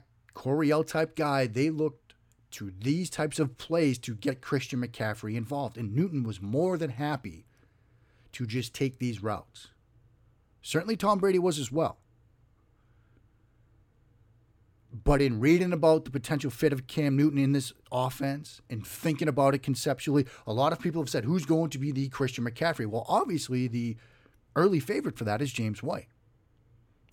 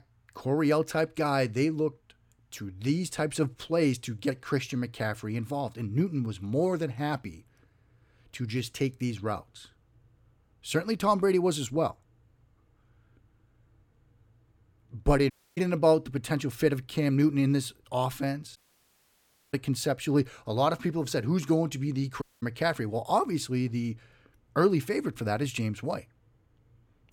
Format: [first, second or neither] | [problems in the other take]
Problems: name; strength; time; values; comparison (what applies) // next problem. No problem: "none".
first | audio cutting out; at 15 s, at 19 s for 1 s and at 22 s